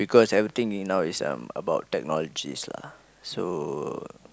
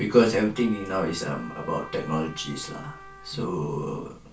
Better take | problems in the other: first | background sound (Trumpet); 18 dB below the speech // room echo; dies away in 0.2 s

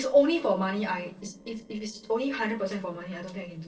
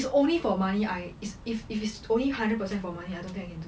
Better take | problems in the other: second | noise reduction (neural separator model SepFormer DNS4)

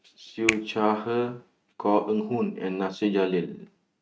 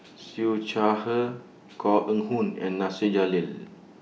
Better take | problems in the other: second | noise reduction (neural mask model RNNoise)

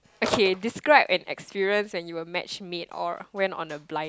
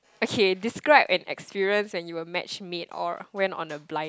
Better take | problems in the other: second | background sound (Telephone); 13 dB below the speech

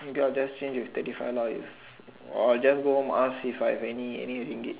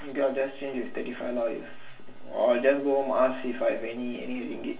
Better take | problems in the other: first | room echo; dies away in 0.2 s

